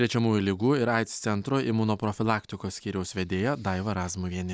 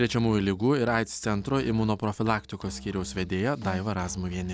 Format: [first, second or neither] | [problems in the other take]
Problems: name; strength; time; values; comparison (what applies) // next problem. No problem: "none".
first | background sound (Musical instrument); 16 dB below the speech